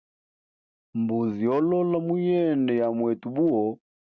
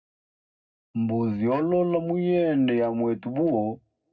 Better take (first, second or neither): first